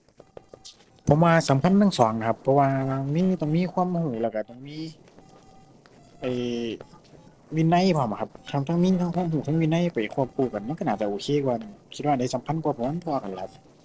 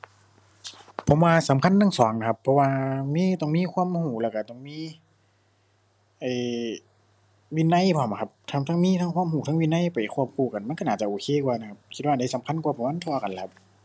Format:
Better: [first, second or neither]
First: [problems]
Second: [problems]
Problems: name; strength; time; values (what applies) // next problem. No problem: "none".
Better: second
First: noise reduction (neural separator model SepFormer DNS4)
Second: none